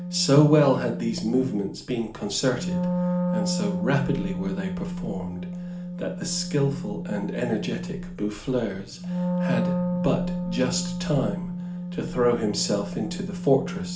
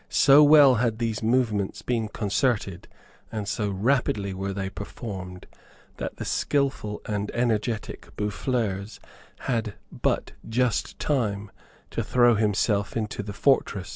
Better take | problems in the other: second | background sound (Wind instrument, woodwind instrument); 4 dB below the speech // room echo; dies away in 0.4 s

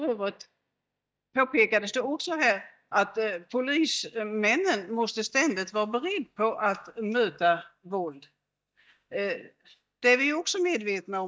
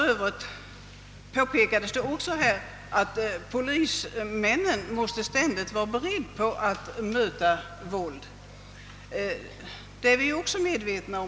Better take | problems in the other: second | noise reduction (neural mask model DeepFilterNet 3)

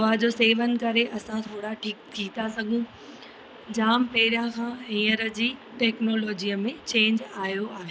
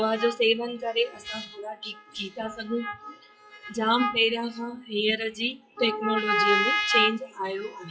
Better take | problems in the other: first | noise reduction (classical method WPE with log-MMSE)

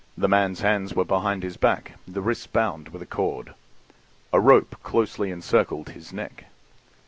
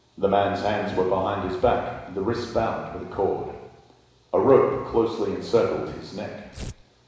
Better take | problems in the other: first | background sound (Tearing); 13 dB below the speech // room echo; dies away in 1 s

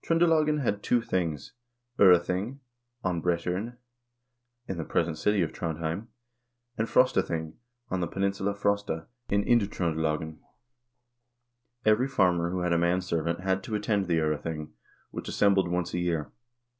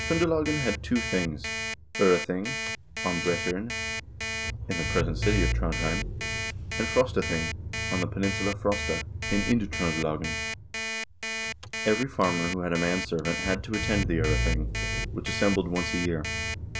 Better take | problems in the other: first | background sound (Alarm + Engine / Car); 2 dB below the speech

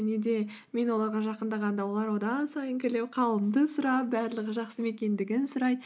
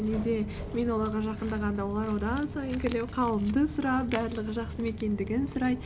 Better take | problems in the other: first | background sound (Walk, footsteps); 9 dB below the speech

